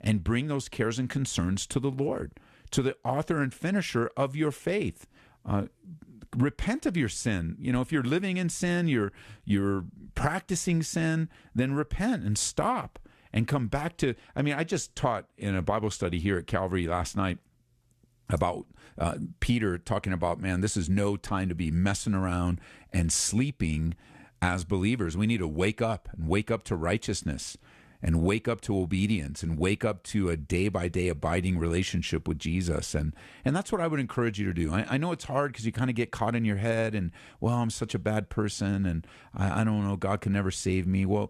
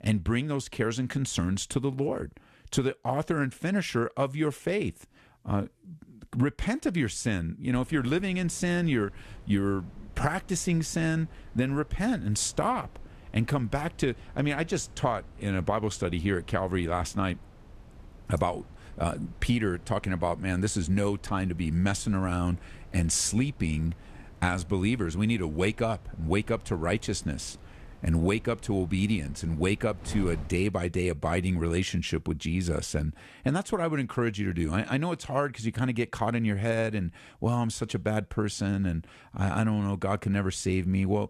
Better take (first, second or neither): first